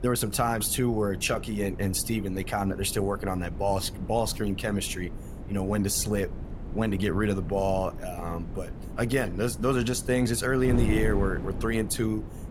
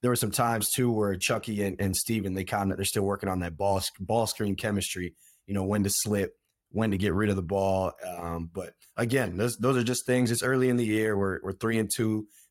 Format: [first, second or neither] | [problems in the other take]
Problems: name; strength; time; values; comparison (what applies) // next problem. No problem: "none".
second | wind noise on the microphone; occasional gusts; 15 dB below the speech